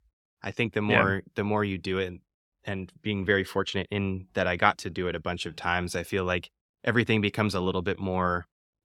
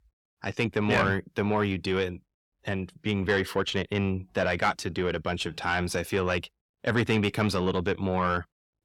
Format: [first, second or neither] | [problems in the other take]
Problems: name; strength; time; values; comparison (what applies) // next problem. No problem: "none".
first | distortion; slight; 10 dB below the speech